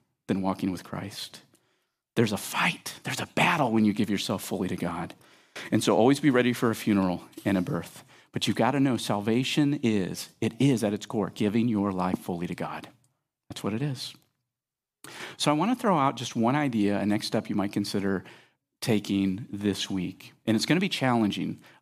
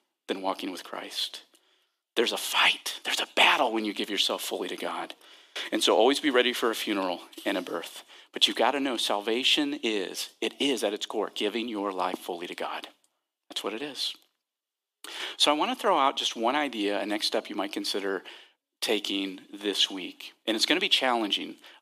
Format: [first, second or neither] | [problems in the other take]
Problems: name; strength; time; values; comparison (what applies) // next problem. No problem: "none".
first | thin; somewhat; fading below 350 Hz